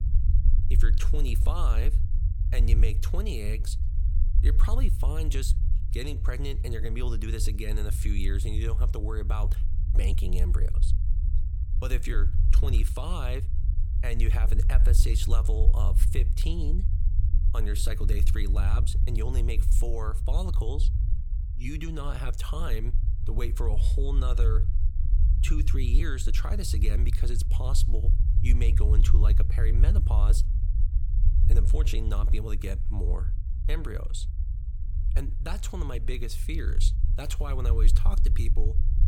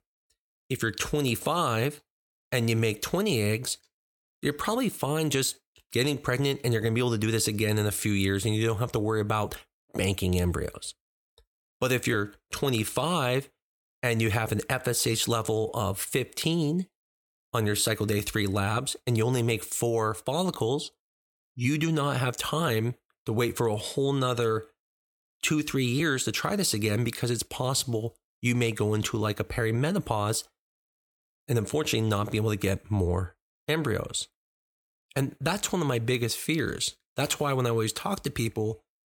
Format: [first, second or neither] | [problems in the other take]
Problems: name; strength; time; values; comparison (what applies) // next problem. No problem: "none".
second | low rumble; loud; throughout; 8 dB below the speech